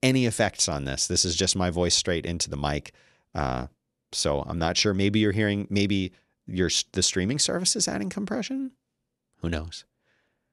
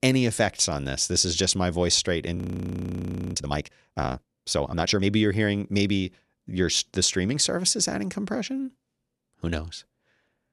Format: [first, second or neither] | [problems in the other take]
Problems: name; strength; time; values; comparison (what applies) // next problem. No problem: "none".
first | audio freezing; at 2.5 s for 1 s